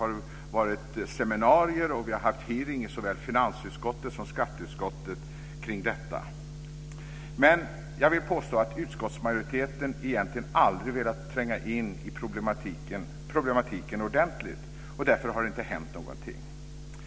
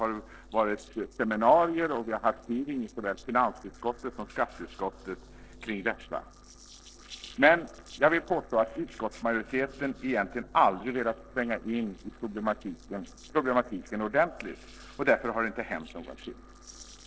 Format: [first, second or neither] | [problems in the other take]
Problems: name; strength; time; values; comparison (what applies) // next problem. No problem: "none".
first | noise reduction (neural separator model SepFormer DNS4)